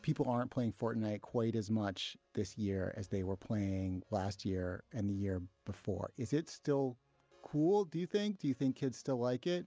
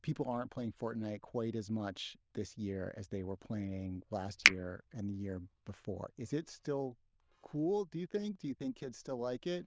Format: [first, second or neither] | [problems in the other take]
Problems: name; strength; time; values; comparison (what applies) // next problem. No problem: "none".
first | noise reduction (neural diffusion model UNIVERSE++)